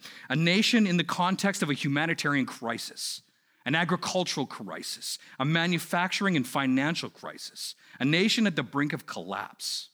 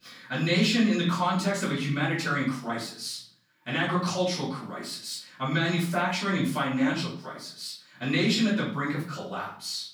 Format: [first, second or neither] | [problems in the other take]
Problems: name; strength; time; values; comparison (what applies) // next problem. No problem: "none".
first | off-mic speech; far // room echo; noticeable; dies away in 0.4 s